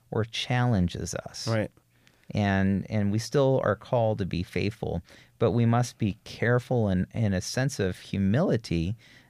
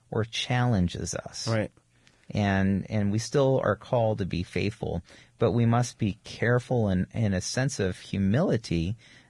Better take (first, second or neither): first